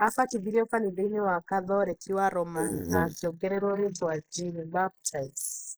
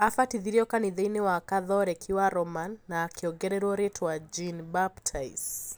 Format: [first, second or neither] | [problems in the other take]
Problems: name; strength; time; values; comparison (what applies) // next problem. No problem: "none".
second | noise reduction (neural mask model Resemble Enhance denoiser)